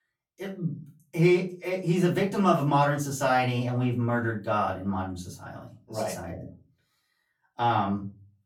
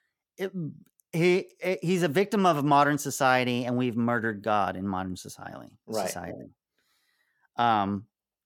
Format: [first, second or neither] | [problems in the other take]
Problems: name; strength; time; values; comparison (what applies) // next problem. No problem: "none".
second | off-mic speech; far // room echo; slight; dies away in 0.3 s